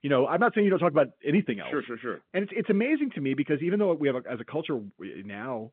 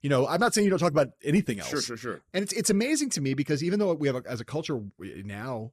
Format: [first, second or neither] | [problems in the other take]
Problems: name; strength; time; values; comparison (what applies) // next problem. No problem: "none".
second | phone-call audio